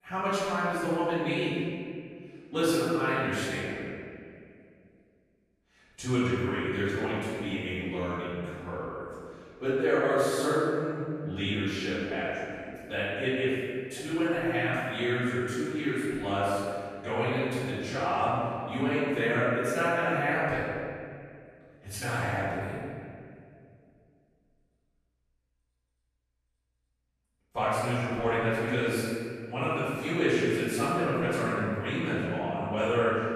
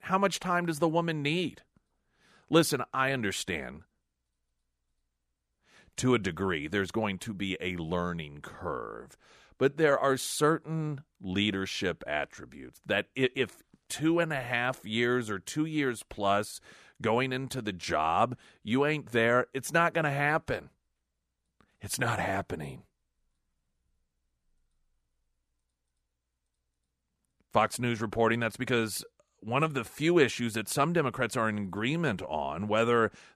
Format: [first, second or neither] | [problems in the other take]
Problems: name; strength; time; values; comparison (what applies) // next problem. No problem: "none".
second | room echo; strong; dies away in 2.1 s // off-mic speech; far